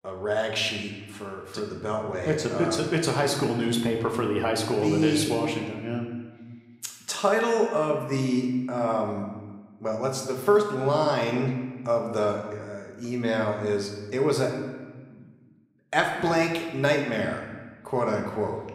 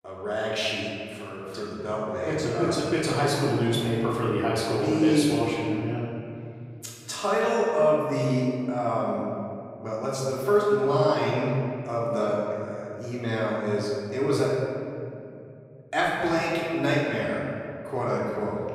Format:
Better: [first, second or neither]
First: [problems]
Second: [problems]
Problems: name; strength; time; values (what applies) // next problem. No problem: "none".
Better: first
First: room echo; slight; dies away in 1.1 s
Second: room echo; strong; dies away in 2.3 s // off-mic speech; far